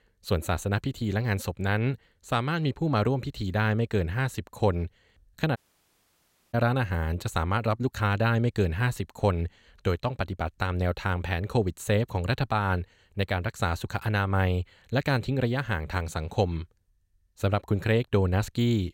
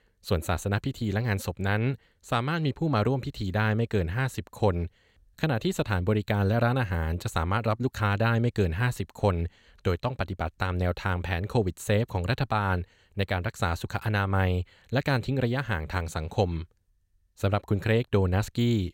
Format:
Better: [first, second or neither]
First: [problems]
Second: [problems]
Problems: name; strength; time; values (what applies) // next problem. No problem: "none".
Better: second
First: audio cutting out; at 5.5 s for 1 s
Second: none